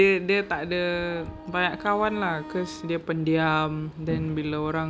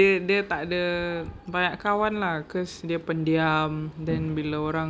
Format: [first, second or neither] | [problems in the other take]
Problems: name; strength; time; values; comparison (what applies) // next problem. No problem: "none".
second | background sound (Wind instrument, woodwind instrument); 18 dB below the speech